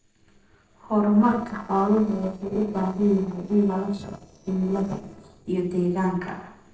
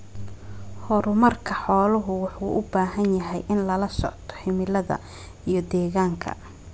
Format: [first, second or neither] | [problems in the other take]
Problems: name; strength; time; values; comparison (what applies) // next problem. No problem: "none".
second | noise reduction (neural separator model SepFormer DNS4)